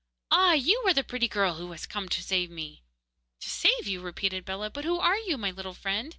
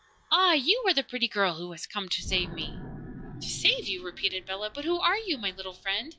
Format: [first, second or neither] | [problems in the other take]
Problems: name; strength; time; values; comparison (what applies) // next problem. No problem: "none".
first | noise reduction (classical method log-MMSE)